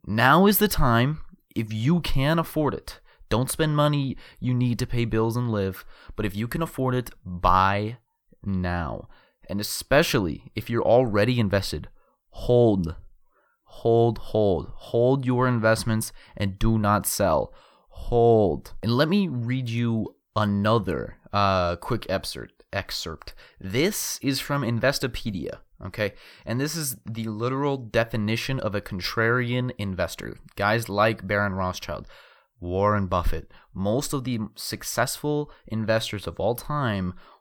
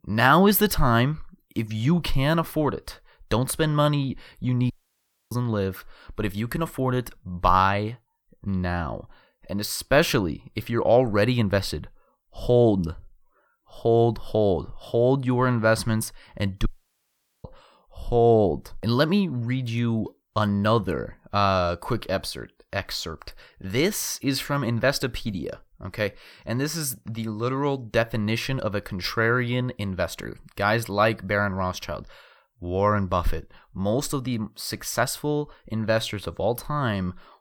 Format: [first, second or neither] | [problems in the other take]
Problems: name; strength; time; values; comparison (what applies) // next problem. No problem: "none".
first | audio cutting out; at 4.5 s for 0.5 s and at 17 s for 1 s